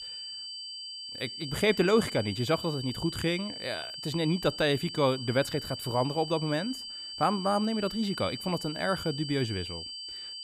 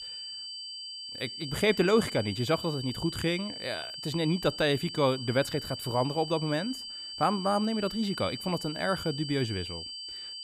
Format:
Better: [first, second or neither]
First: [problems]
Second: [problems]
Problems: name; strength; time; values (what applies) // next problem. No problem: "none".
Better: neither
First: high-pitched whine; loud; throughout; 4.5 kHz, 8 dB below the speech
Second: high-pitched whine; loud; throughout; 4.5 kHz, 8 dB below the speech